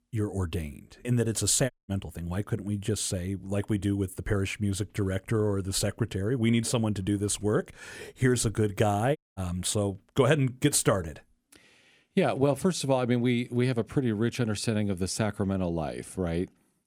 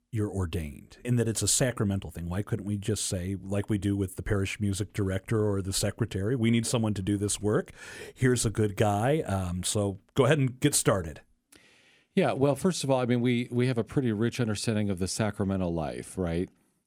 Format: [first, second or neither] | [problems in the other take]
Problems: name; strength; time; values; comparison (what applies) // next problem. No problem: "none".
second | audio cutting out; at 1.5 s and at 9 s